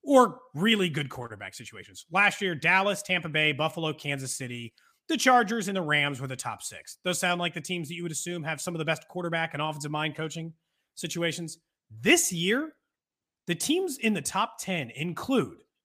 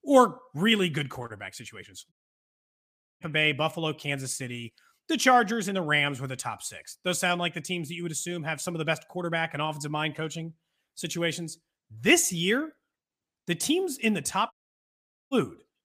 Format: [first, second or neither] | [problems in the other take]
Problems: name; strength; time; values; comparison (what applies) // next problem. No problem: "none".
first | audio cutting out; at 2 s for 1 s and at 15 s for 1 s